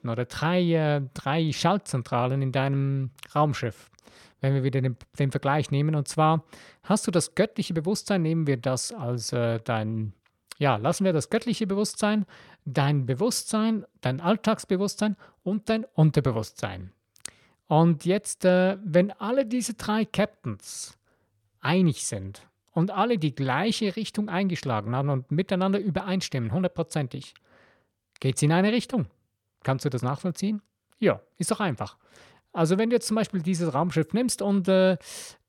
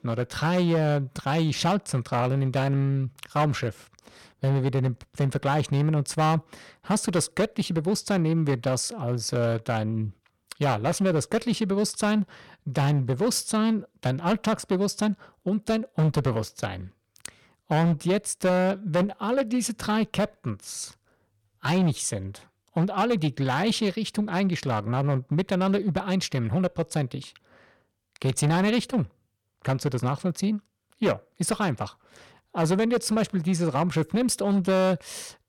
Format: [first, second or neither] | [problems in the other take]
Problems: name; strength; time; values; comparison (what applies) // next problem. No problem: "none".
first | distortion; slight; 7% of the sound clipped